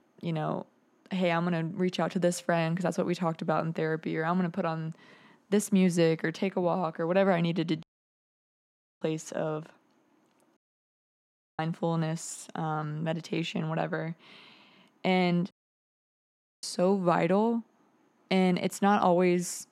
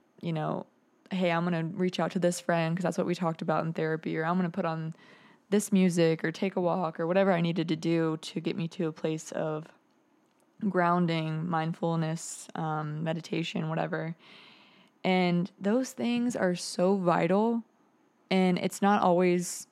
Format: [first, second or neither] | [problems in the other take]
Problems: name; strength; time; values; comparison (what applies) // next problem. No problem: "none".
second | audio cutting out; at 8 s for 1 s, at 11 s for 1 s and at 16 s for 1 s